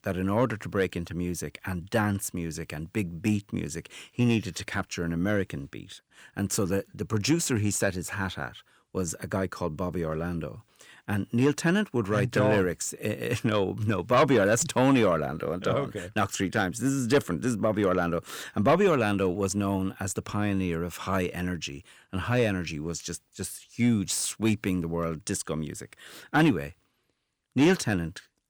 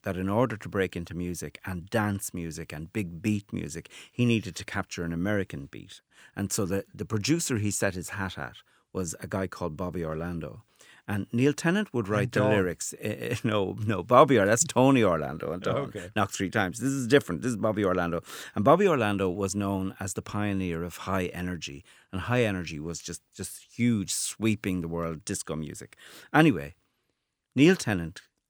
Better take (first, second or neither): second